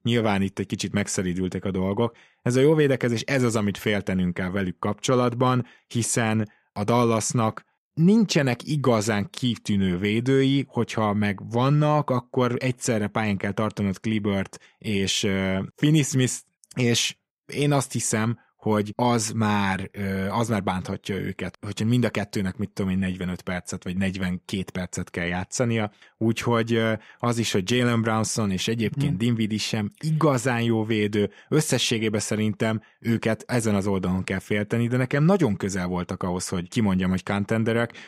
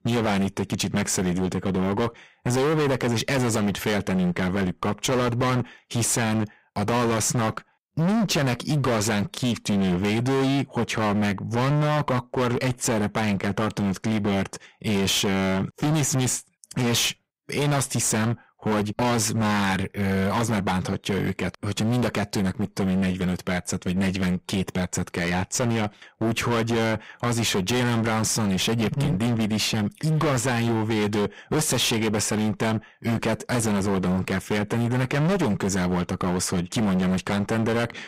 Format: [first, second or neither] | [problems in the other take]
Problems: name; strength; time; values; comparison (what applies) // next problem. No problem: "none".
first | distortion; heavy; 29% of the sound clipped